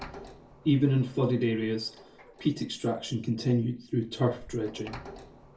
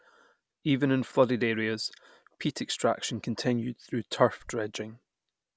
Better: second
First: background sound (Sliding door); 20 dB below the speech // room echo; dies away in 0.3 s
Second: none

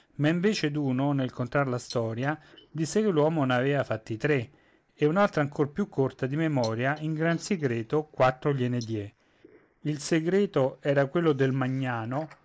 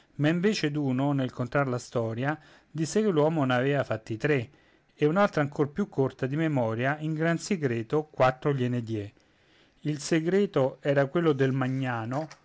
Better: second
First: noise reduction (neural mask model Resemble Enhance denoiser)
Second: none

